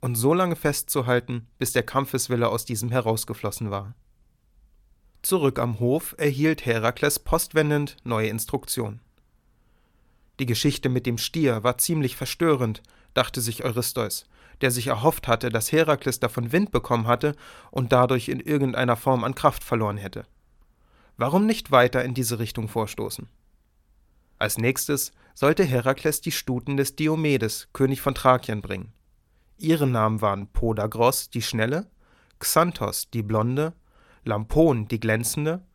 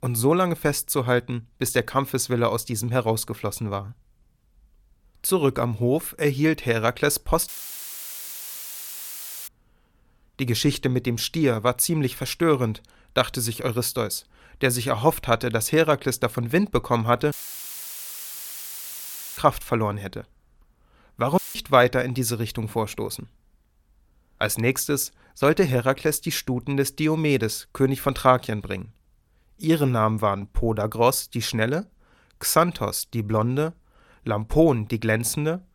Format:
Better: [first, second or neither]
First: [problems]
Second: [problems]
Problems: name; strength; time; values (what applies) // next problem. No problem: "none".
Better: first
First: none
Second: audio cutting out; filled with static; at 7.5 s for 2 s, at 17 s for 2 s and at 21 s